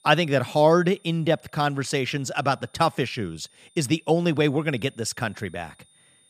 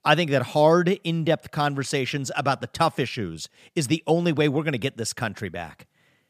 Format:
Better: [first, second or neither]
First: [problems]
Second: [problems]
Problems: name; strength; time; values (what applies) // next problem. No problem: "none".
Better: second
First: high-pitched whine; faint; throughout; 9 kHz, 35 dB below the speech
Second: none